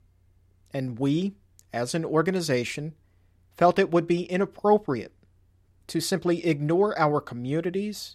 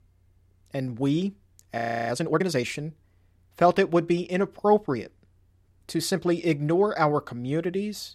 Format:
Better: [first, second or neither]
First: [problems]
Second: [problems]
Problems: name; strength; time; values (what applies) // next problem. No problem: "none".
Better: first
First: none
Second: audio freezing; at 2 s